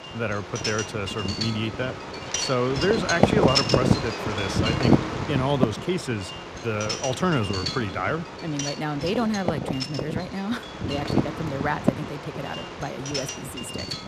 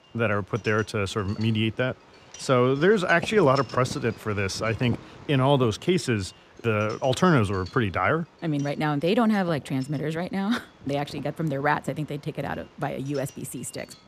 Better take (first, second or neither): second